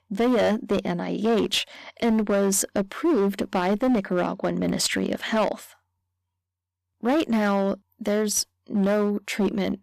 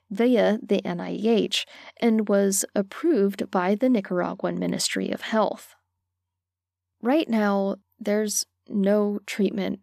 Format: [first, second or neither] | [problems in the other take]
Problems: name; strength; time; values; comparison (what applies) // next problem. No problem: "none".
second | distortion; slight; 11% of the sound clipped